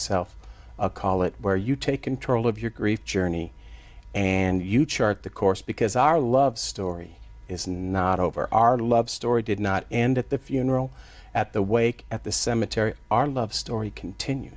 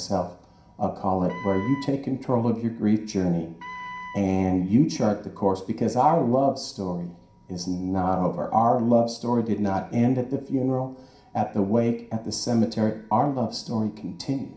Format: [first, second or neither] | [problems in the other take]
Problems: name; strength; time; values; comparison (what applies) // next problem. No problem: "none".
first | background sound (Wind instrument, woodwind instrument); 15 dB below the speech // room echo; dies away in 0.5 s